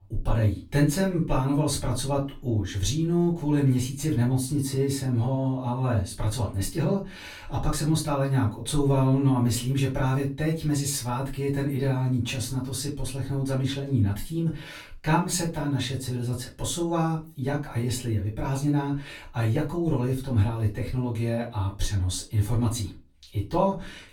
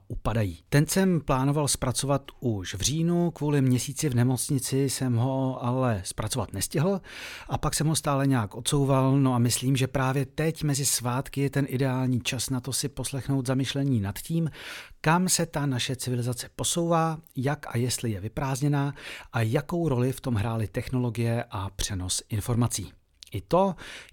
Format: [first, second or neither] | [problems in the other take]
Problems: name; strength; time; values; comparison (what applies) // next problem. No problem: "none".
second | off-mic speech; far // room echo; slight; dies away in 0.2 s